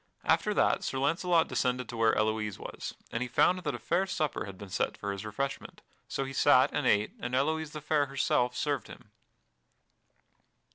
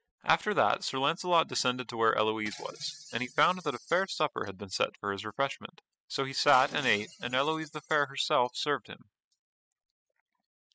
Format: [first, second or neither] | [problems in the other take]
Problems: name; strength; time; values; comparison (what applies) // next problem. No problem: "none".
first | noise reduction (classical method spectral subtraction)